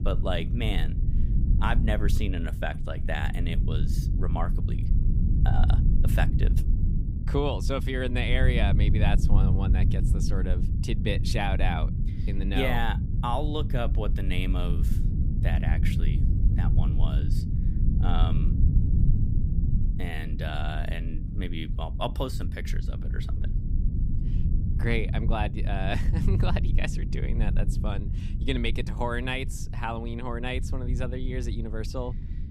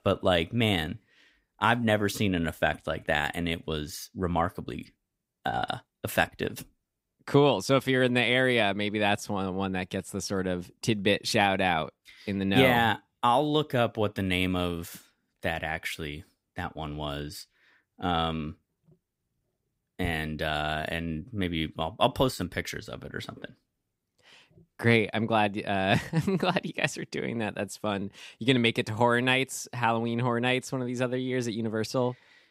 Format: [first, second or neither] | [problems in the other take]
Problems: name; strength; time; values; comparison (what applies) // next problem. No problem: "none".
second | low rumble; loud; throughout; 8 dB below the speech